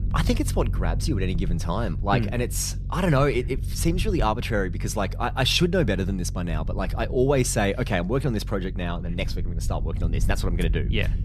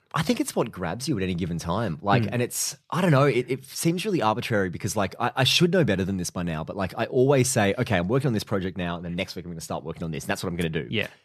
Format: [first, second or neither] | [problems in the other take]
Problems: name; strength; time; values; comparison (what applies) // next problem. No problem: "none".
second | low rumble; noticeable; throughout; 20 dB below the speech